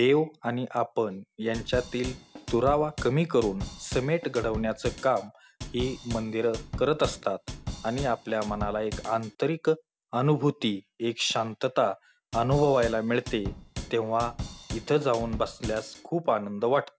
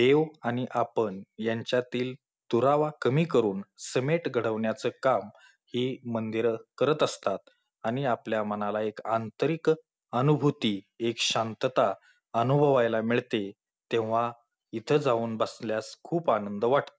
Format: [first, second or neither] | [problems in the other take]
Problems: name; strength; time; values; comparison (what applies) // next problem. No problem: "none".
second | background sound (Drum / Drum kit); 10 dB below the speech